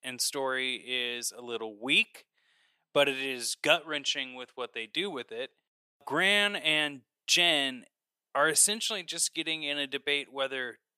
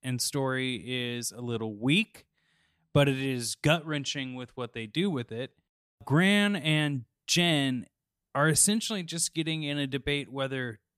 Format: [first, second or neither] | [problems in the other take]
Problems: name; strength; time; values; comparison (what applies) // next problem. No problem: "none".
second | thin; somewhat; fading below 500 Hz